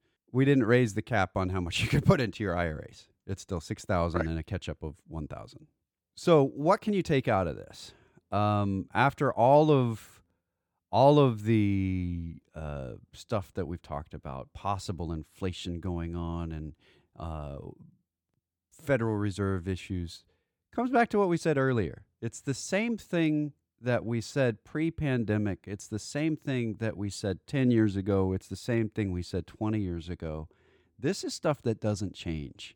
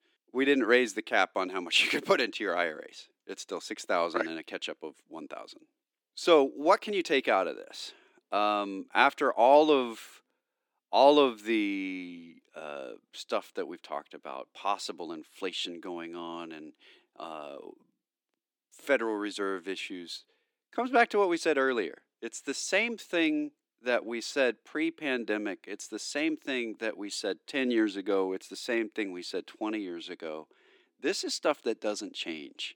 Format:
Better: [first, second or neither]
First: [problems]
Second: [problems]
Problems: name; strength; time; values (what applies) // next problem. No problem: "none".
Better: first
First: none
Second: thin; somewhat; fading below 300 Hz